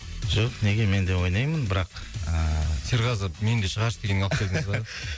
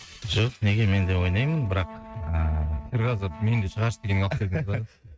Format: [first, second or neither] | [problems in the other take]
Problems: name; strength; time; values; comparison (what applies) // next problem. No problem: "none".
first | noise reduction (neural mask model RNNoise)